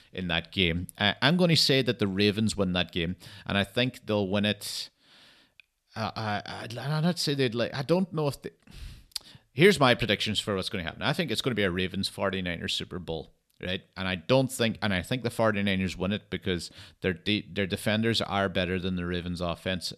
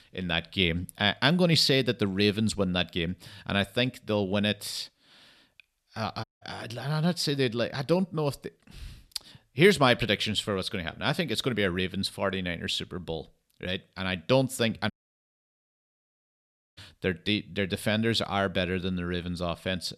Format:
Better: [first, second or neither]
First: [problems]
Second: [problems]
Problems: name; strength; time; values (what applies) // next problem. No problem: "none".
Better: first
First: none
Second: audio cutting out; at 6 s and at 15 s for 2 s